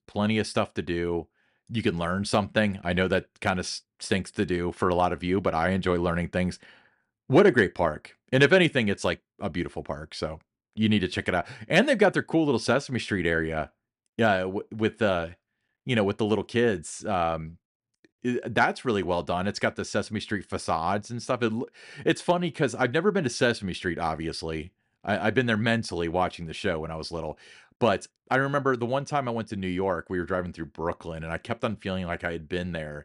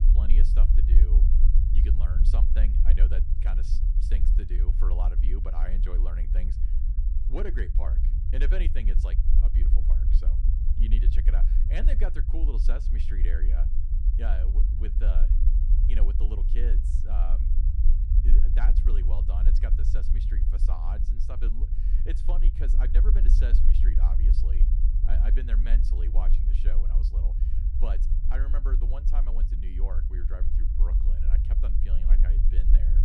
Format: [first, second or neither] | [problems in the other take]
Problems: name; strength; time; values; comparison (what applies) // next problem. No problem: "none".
first | low rumble; loud; throughout; 3 dB below the speech